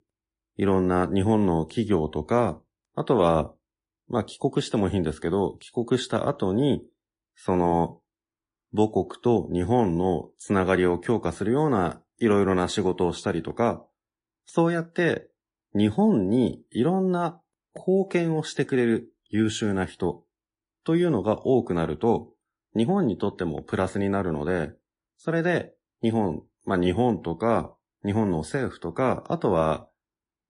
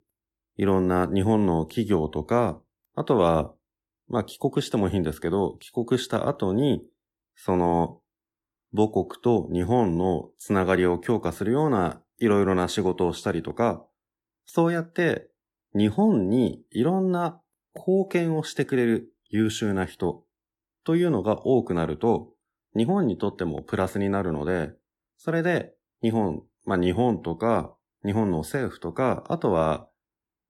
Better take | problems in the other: second | garbled, watery; slightly; nothing above 10.5 kHz

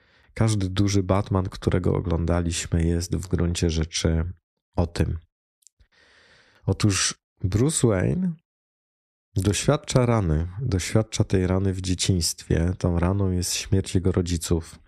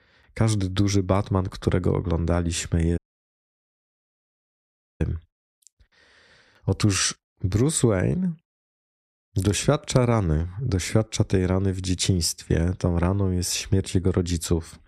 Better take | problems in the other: first | audio cutting out; at 3 s for 2 s

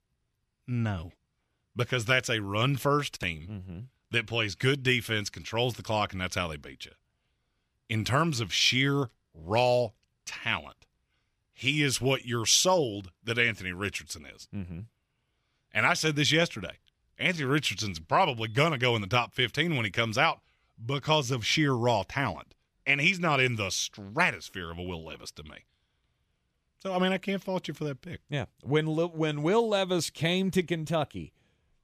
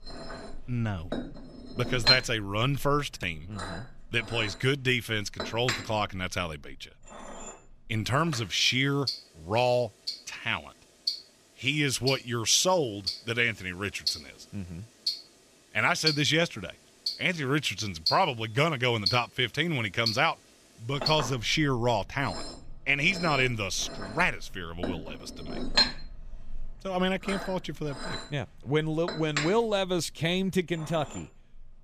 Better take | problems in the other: first | household noises; loud; throughout; 5 dB below the speech

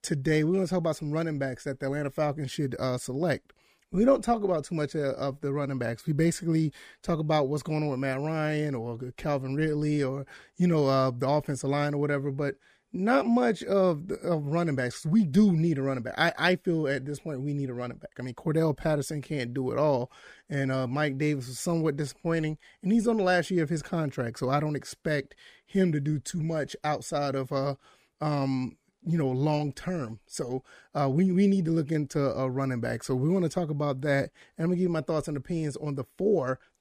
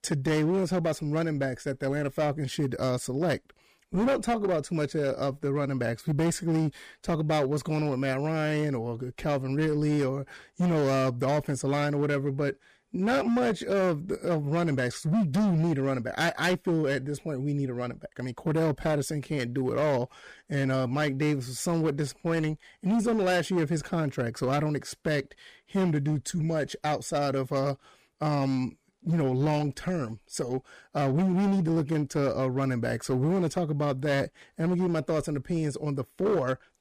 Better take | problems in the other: first | distortion; slight; 11% of the sound clipped

